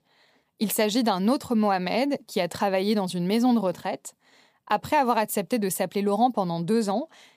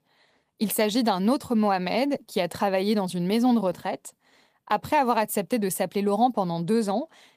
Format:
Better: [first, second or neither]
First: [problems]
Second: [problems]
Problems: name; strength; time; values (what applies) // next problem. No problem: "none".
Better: first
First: none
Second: garbled, watery; slightly; nothing above 15 kHz